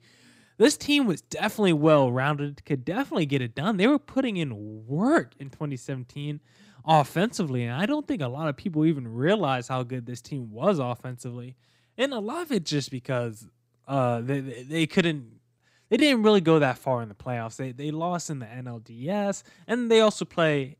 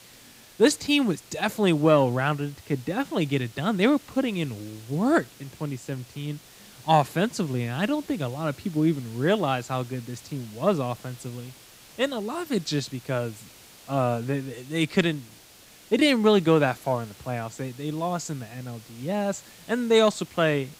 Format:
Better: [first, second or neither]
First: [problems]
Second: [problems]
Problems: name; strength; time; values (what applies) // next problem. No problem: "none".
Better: first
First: none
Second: hiss; faint; throughout; 20 dB below the speech